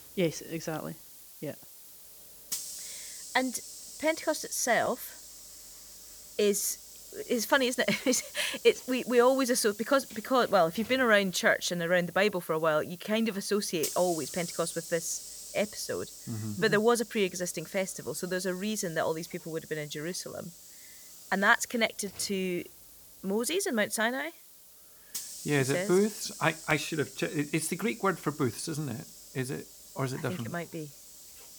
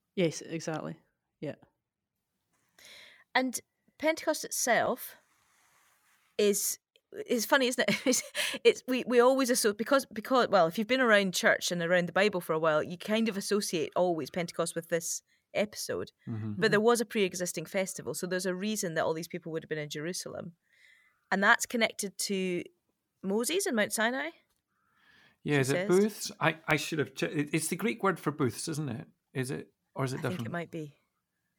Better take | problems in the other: second | hiss; noticeable; throughout; 15 dB below the speech

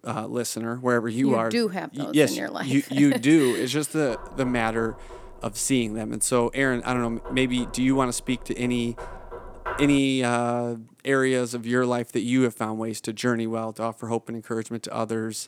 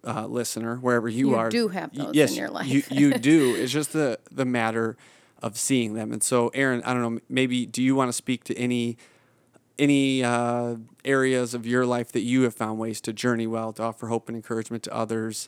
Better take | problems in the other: second | door banging; noticeable; from 4 to 10 s; peak 8 dB below the speech

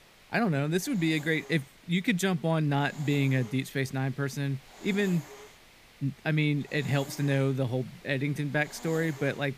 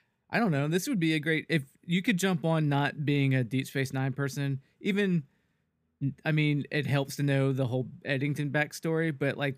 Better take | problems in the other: second | hiss; noticeable; throughout; 20 dB below the speech

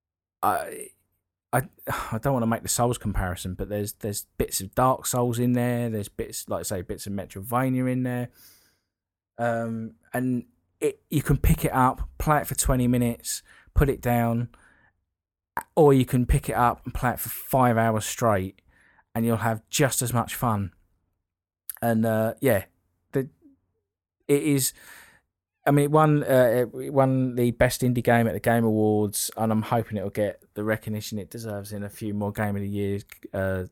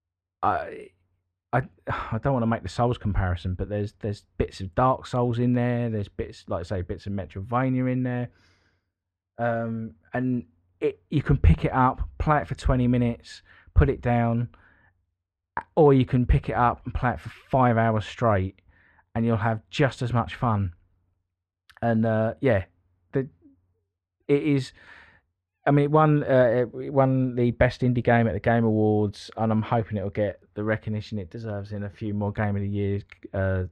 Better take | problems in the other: first | muffled; slightly; fading above 3.5 kHz

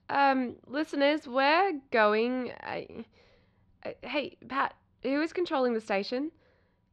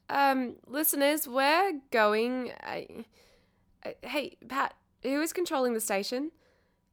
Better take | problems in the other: second | muffled; very slightly; fading above 4.5 kHz

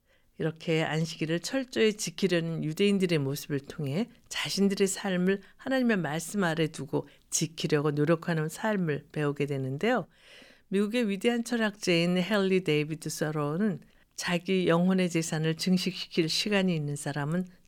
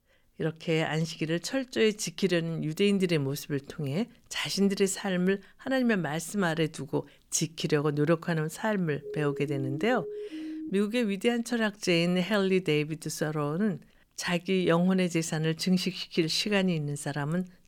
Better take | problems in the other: first | siren; noticeable; from 9 to 11 s; peak 9 dB below the speech

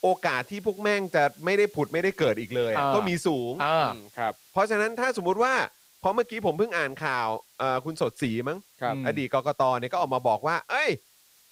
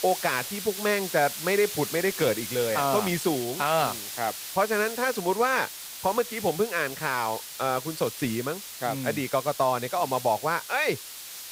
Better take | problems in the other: first | hiss; loud; throughout; 8 dB below the speech; faint in the first

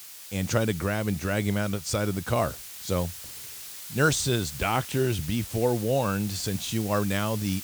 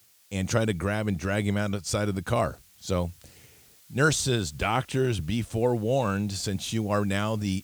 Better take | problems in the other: second | hiss; loud; throughout; 10 dB below the speech; faint in the second

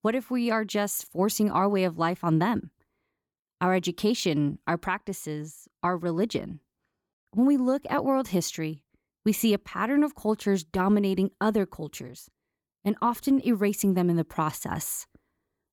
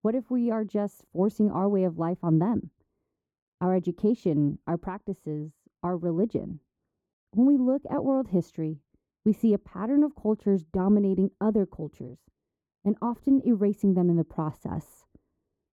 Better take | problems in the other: first | muffled; very; fading above 1.5 kHz

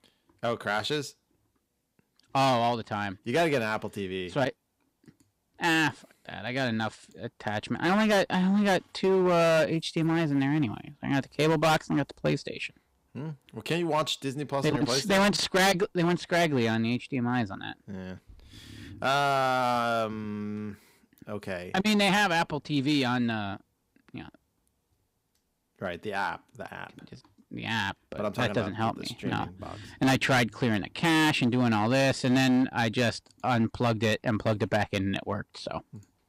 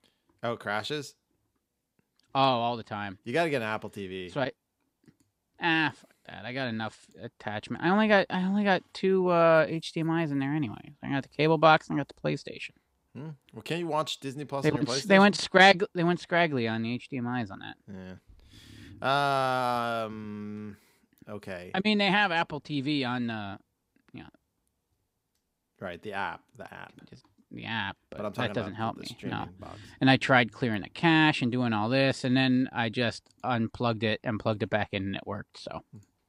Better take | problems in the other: second | distortion; heavy; 7% of the sound clipped

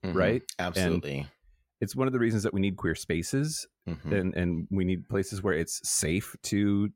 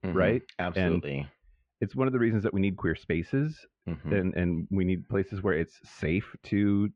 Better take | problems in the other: first | muffled; very; fading above 3 kHz

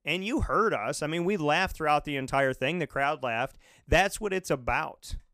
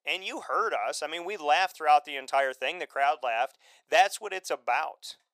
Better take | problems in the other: first | thin; very; fading below 500 Hz

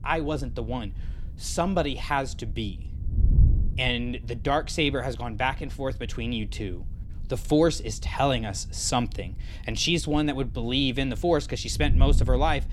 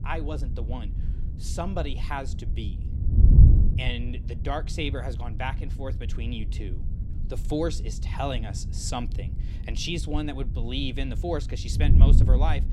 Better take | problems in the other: first | wind noise on the microphone; heavy; 8 dB below the speech; occasional gusts in the first

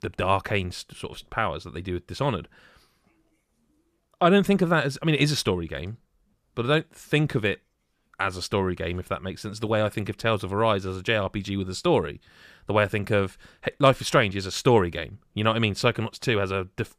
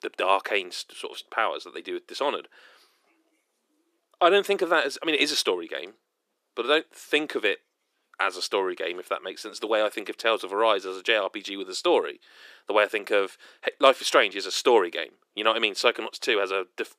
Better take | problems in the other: first | thin; very; fading below 300 Hz

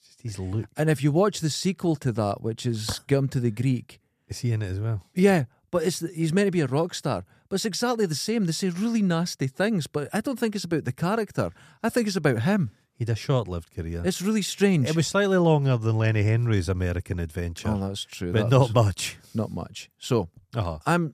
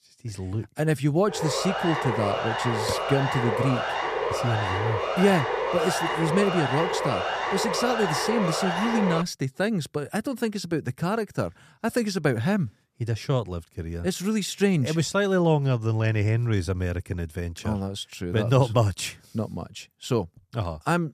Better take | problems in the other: first | siren; noticeable; from 1.5 to 9 s; peak level with the speech

